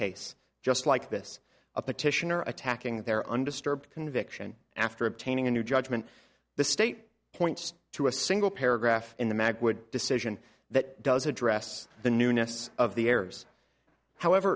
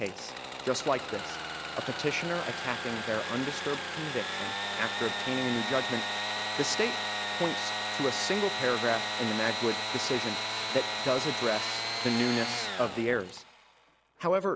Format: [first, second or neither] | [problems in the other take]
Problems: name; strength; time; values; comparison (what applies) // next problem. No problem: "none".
first | background sound (Sawing / Engine); 2 dB below the speech